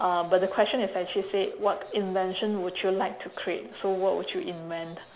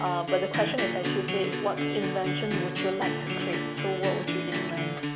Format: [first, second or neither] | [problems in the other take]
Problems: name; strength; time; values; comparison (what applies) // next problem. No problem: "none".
first | background sound (Acoustic guitar); as loud as the speech